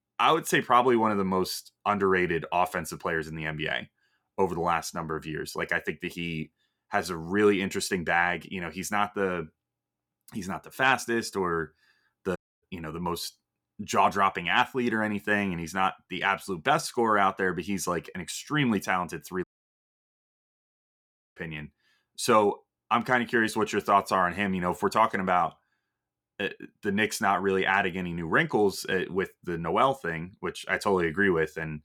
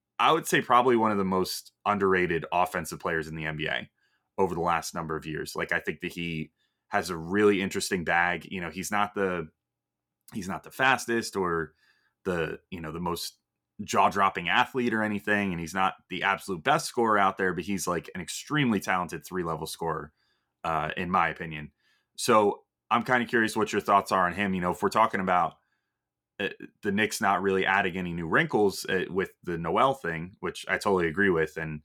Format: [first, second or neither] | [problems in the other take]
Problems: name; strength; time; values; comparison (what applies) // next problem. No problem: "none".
second | audio cutting out; at 12 s and at 19 s for 2 s